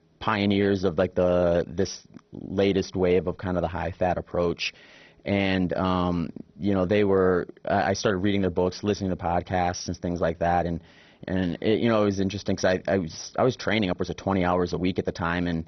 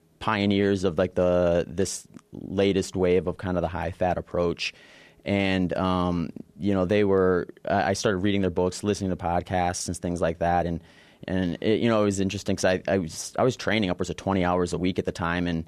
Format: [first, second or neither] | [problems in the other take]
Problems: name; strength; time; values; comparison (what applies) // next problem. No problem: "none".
second | garbled, watery; badly; nothing above 6 kHz